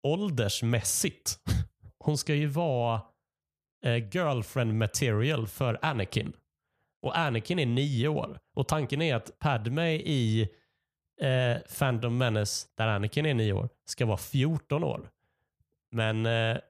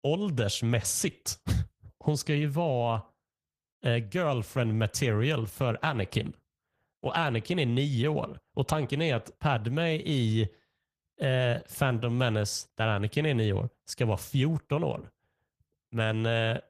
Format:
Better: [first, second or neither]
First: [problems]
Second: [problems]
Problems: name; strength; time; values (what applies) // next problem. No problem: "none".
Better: first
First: none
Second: garbled, watery; slightly; nothing above 14.5 kHz